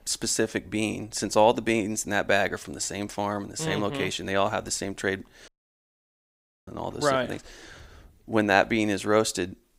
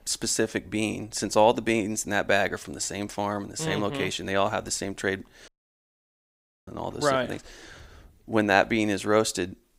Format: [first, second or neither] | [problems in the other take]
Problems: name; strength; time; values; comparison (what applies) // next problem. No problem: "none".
neither | audio cutting out; at 5.5 s for 1 s; the same in both